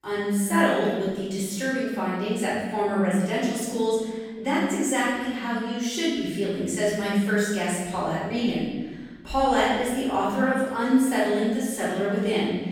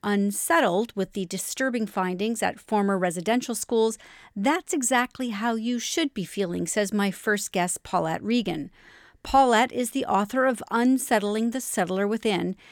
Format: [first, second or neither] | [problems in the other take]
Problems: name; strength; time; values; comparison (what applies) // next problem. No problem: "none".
second | off-mic speech; far // room echo; strong; dies away in 1.4 s